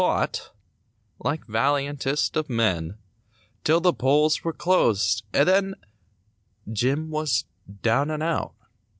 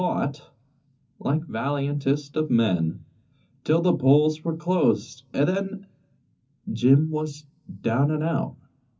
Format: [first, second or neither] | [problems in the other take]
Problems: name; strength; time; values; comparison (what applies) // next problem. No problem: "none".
first | room echo; dies away in 0.3 s